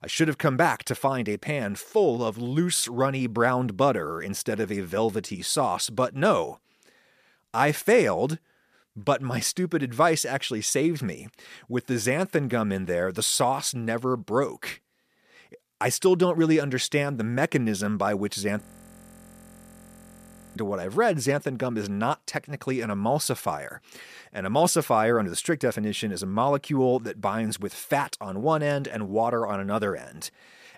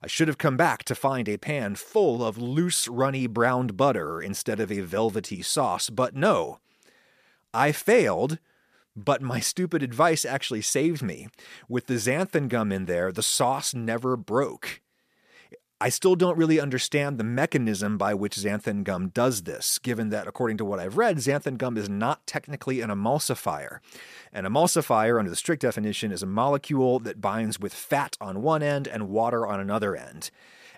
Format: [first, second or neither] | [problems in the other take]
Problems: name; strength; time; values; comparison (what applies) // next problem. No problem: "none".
second | audio freezing; at 19 s for 2 s